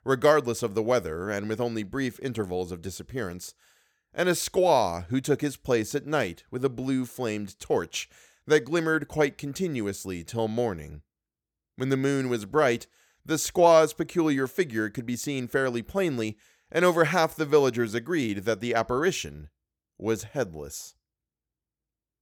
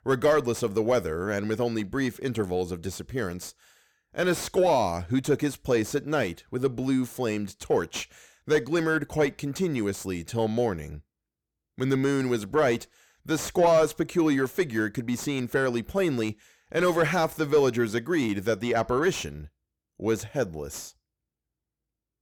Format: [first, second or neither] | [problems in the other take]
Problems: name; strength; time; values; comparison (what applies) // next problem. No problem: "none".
first | distortion; slight; 10 dB below the speech